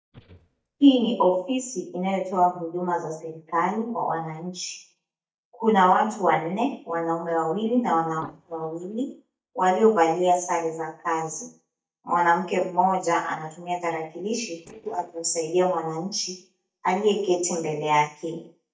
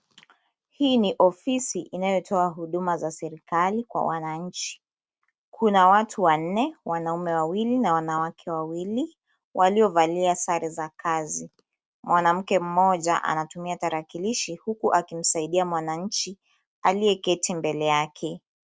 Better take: second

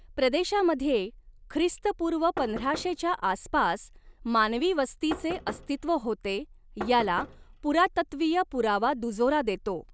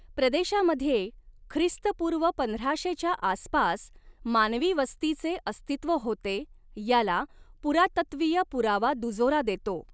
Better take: second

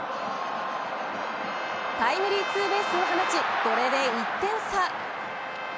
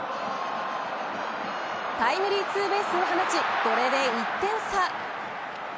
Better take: second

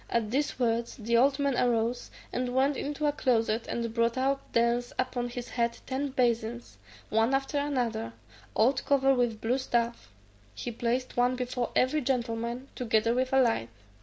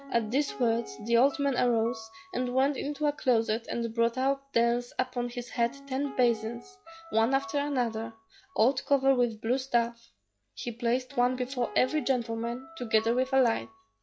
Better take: first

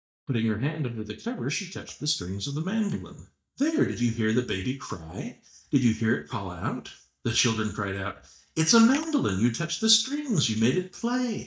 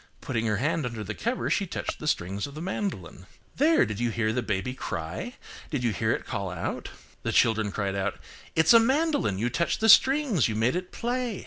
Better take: second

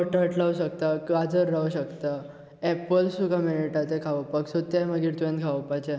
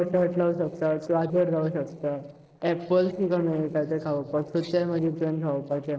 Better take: first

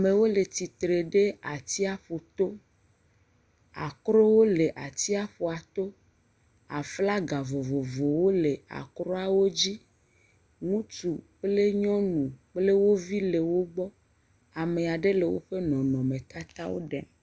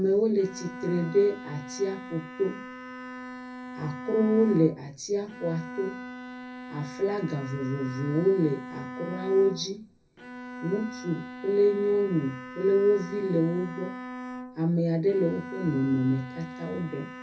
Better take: first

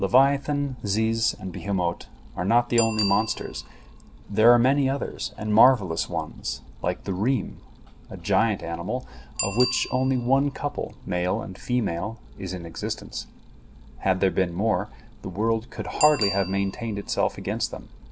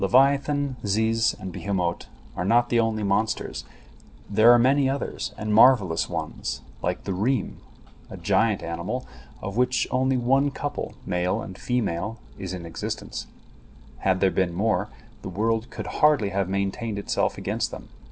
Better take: second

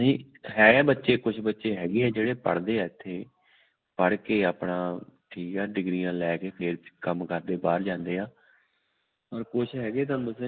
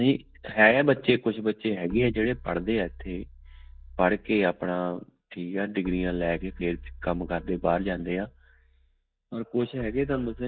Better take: first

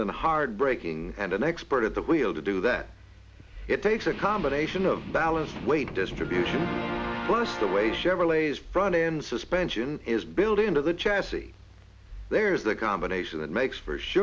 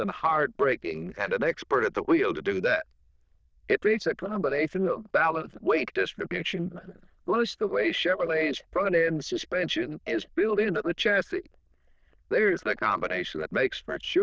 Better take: first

